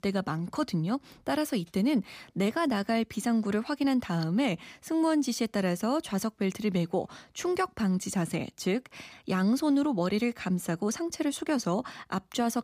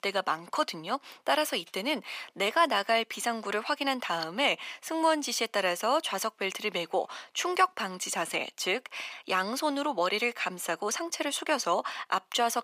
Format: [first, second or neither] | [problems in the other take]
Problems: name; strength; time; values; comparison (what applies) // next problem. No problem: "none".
first | thin; very; fading below 650 Hz